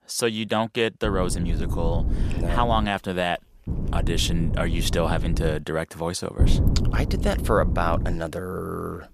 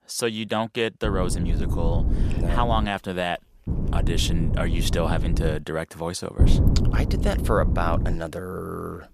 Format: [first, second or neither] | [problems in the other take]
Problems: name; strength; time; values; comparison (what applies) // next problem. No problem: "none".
first | wind noise on the microphone; heavy; from 1 to 3 s, from 3.5 to 5.5 s and from 6.5 to 8 s; 9 dB below the speech; occasional gusts in the first